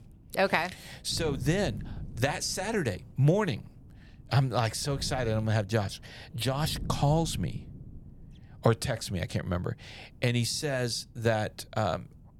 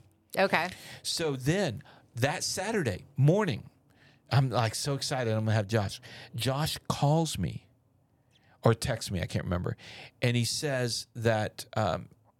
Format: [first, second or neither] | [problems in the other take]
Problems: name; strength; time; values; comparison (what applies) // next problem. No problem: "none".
second | wind noise on the microphone; occasional gusts; 25 dB below the speech